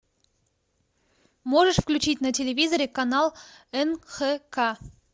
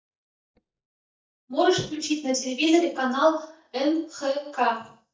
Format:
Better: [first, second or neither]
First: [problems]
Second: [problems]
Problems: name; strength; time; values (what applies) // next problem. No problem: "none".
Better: first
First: none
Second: noise reduction (neural mask model DeepFilterNet 3)